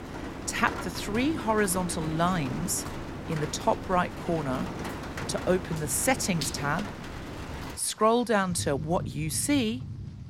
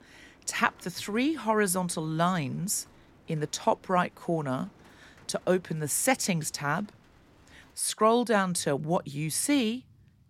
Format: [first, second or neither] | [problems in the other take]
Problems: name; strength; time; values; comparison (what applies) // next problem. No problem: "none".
second | rain or running water; loud; throughout; 9 dB below the speech; faint in the second